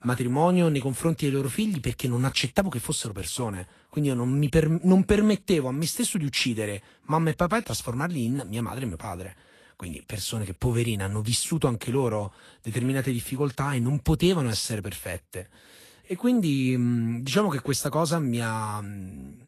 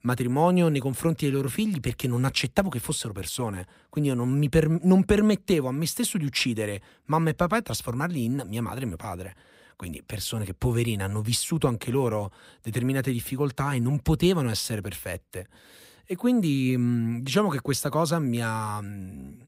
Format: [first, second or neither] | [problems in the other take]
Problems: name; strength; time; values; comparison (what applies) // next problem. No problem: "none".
second | garbled, watery; slightly; nothing above 12.5 kHz